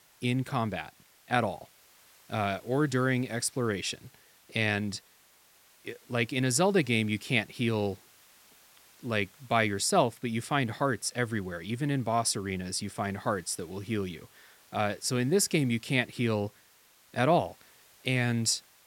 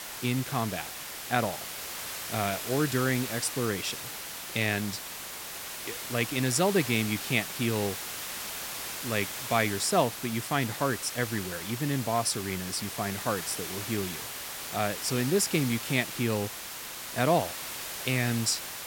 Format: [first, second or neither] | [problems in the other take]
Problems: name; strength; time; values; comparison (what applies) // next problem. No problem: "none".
first | hiss; loud; throughout; 6 dB below the speech; faint in the first